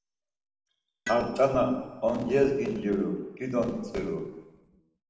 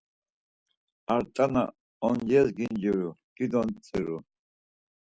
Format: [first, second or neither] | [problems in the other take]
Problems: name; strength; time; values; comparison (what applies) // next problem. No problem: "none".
second | background sound (Tools); 18 dB below the speech // room echo; dies away in 1 s